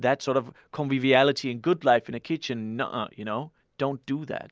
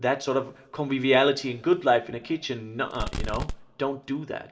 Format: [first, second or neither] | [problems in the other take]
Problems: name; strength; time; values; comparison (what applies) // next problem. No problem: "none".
first | background sound (Fireworks); 5 dB below the speech // room echo; dies away in 0.7 s